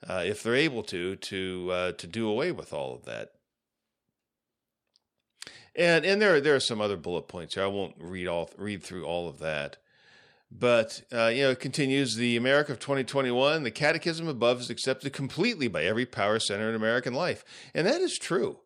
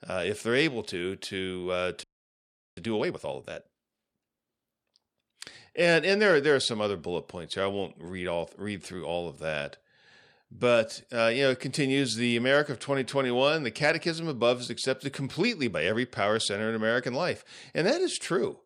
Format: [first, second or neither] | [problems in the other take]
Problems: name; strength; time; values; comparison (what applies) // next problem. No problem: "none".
first | audio freezing; at 2 s for 0.5 s